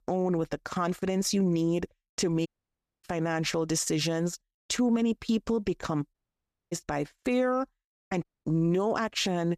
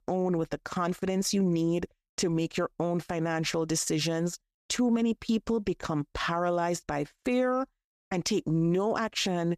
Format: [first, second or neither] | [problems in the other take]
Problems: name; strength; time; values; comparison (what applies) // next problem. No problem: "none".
second | audio cutting out; at 2.5 s for 0.5 s, at 6 s for 0.5 s and at 8 s